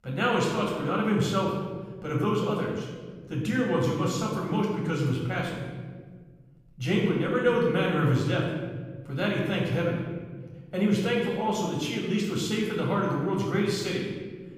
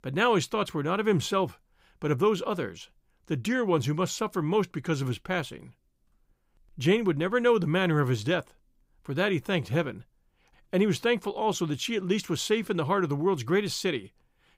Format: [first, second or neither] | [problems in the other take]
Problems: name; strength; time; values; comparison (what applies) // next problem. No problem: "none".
second | off-mic speech; far // room echo; noticeable; dies away in 1.4 s